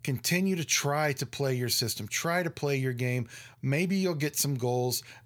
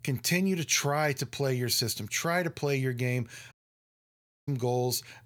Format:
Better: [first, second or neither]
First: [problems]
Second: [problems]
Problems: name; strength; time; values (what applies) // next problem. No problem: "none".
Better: first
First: none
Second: audio cutting out; at 3.5 s for 1 s